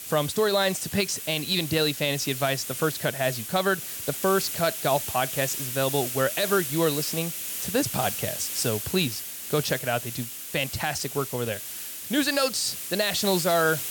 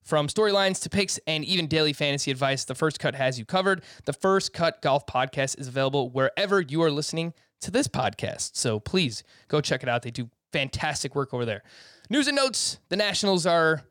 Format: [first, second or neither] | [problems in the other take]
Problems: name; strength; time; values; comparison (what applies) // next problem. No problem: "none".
second | hiss; loud; throughout; 5 dB below the speech